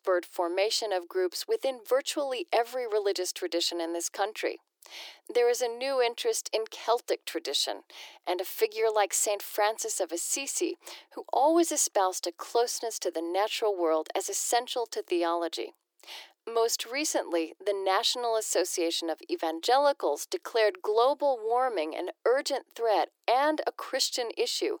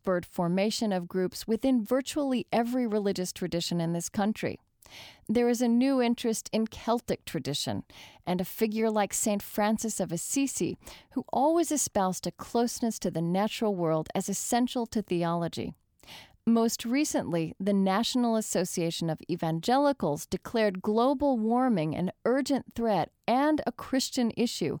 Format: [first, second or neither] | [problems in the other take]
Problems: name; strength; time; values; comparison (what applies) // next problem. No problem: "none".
second | thin; very; fading below 350 Hz